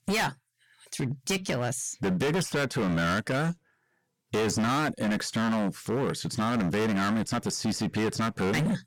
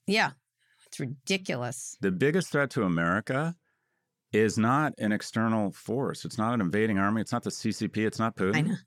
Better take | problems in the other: second | distortion; heavy; 23% of the sound clipped

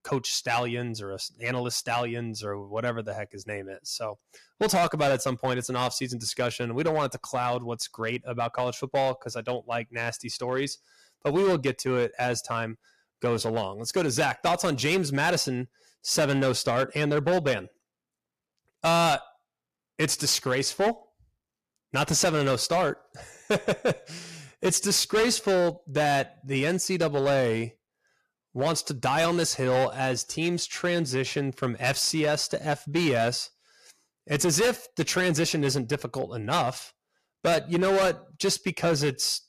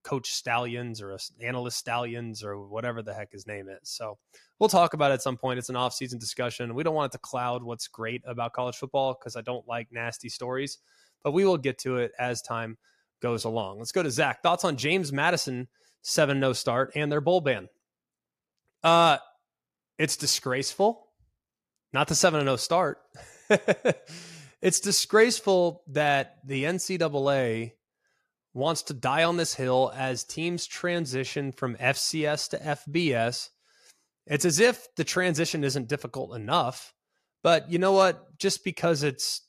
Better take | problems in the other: second | distortion; heavy; 8% of the sound clipped

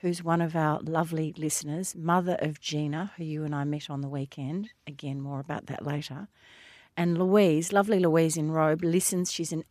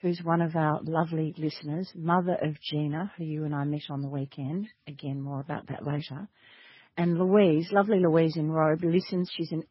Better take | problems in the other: first | garbled, watery; badly; nothing above 5.5 kHz

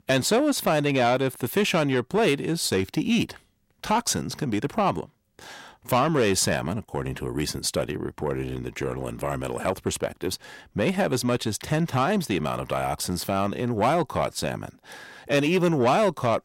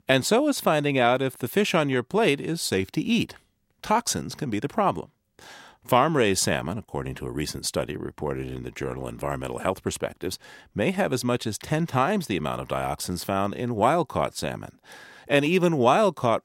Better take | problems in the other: second | distortion; slight; 10 dB below the speech

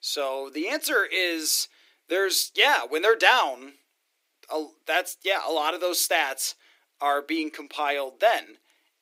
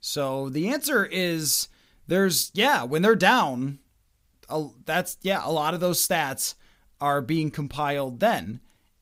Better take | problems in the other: second | thin; very; fading below 300 Hz

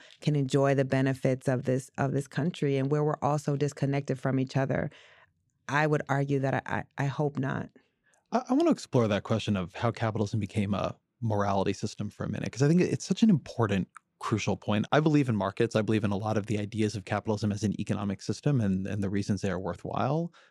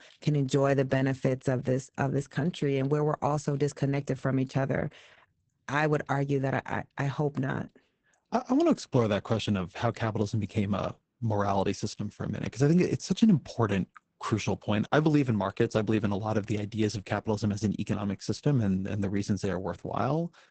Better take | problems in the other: first | garbled, watery; badly; nothing above 8 kHz

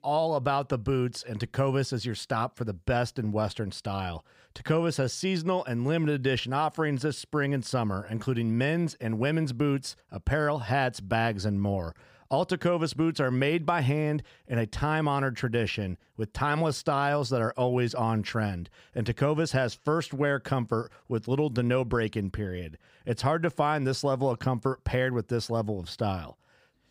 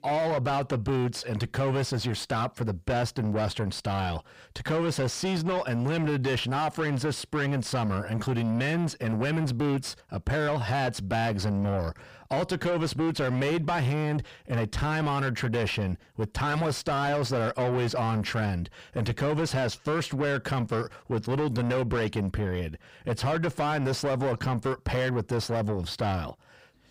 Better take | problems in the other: first | distortion; heavy; 7 dB below the speech

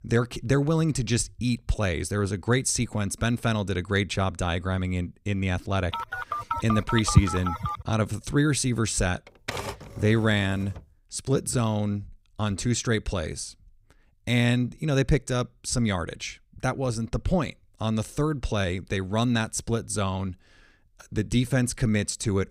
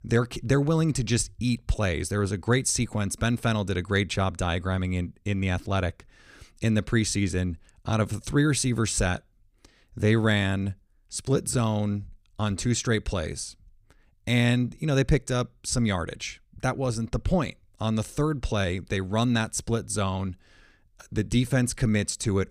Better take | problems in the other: second | phone ringing; loud; from 6.5 to 7.5 s; peak 4 dB above the speech // keyboard typing; noticeable; from 9.5 to 11 s; peak 6 dB below the speech

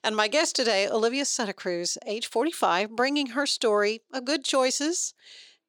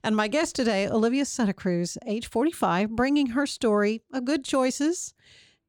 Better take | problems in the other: second | thin; somewhat; fading below 450 Hz

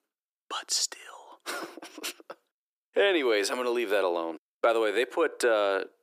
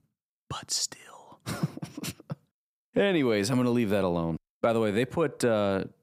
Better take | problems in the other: second | thin; very; fading below 350 Hz

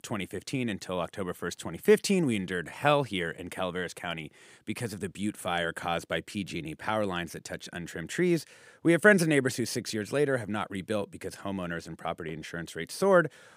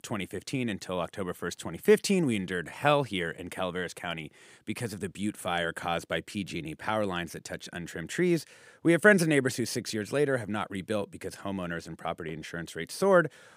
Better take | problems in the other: neither | none

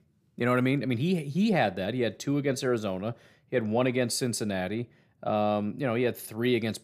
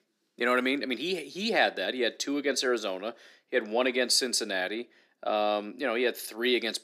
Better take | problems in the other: first | thin; somewhat; fading below 250 Hz

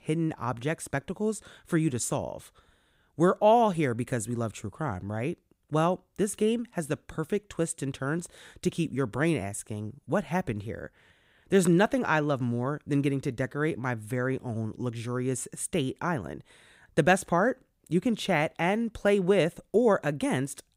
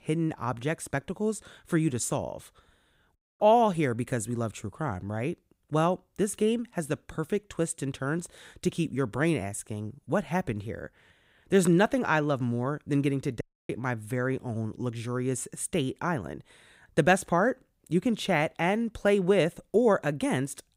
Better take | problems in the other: first | audio cutting out; at 3 s and at 13 s

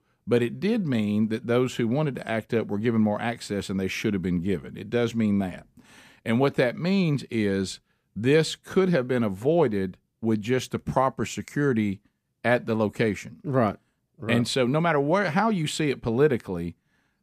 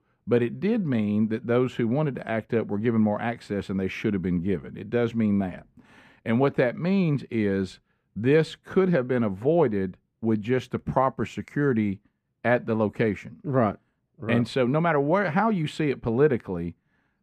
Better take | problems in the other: first | muffled; slightly; fading above 3.5 kHz

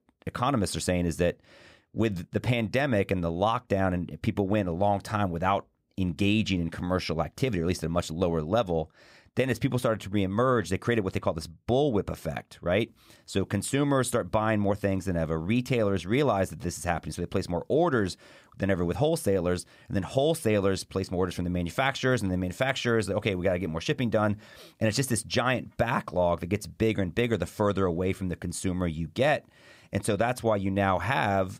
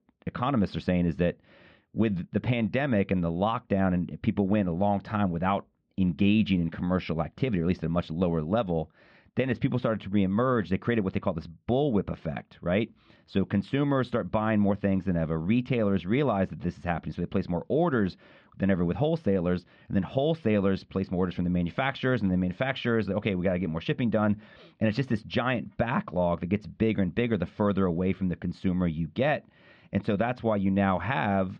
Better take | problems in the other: first | muffled; slightly; fading above 3.5 kHz

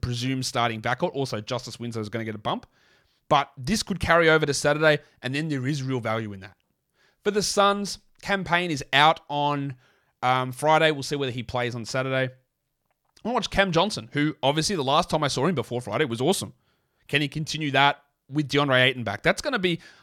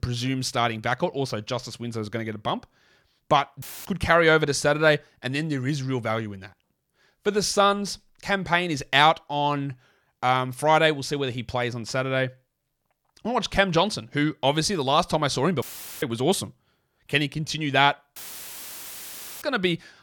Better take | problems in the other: first | audio cutting out; filled with static; at 3.5 s, at 16 s and at 18 s for 1.5 s

